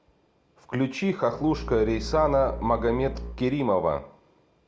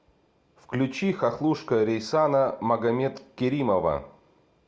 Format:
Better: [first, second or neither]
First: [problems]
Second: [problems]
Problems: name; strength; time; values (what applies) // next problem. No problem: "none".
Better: second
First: background sound (Bowed string instrument); 10 dB below the speech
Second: none